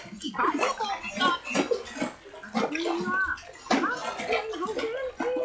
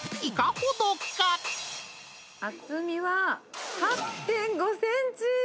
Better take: second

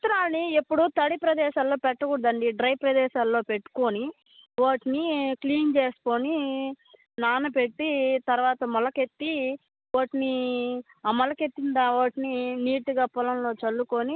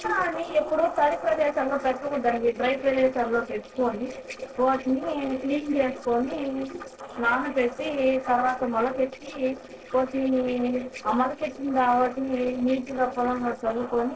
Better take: first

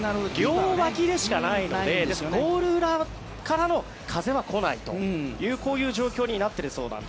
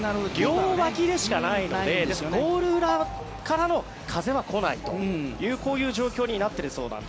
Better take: first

